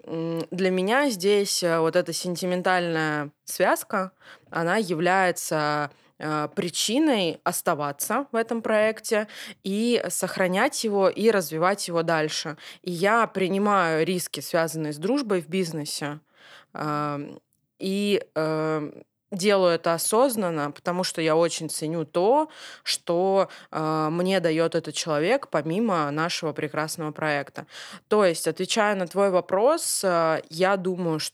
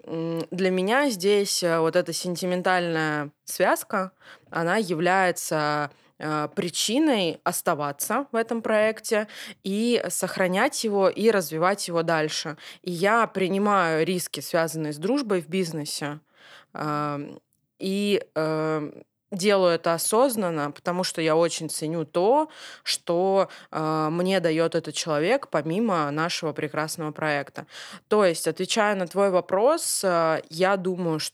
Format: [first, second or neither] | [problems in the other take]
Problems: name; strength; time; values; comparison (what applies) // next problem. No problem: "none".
neither | none